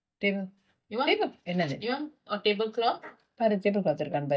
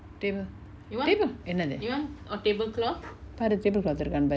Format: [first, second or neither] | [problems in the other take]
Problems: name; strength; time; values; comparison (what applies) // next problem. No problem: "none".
second | noise reduction (neural mask model DeepFilterNet 3)